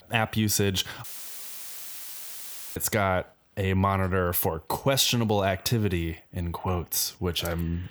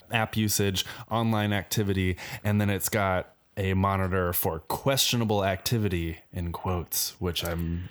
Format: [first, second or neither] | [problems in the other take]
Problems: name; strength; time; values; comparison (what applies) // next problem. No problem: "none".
second | audio cutting out; filled with static; at 1 s for 1.5 s